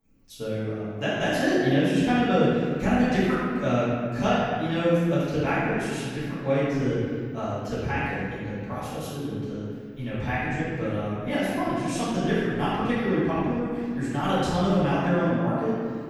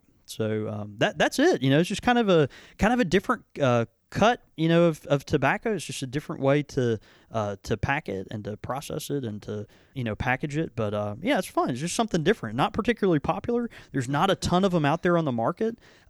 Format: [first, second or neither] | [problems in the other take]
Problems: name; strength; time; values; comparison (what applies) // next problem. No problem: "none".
second | off-mic speech; far // room echo; strong; dies away in 2.1 s